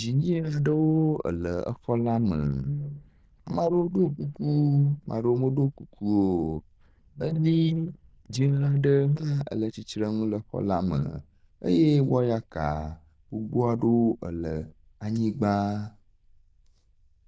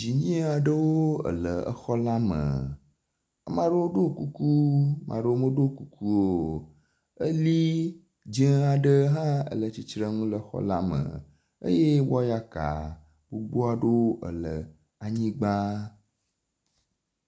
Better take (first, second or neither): second